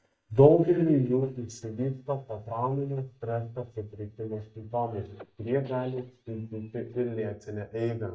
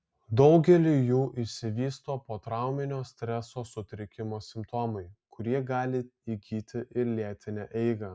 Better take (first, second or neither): second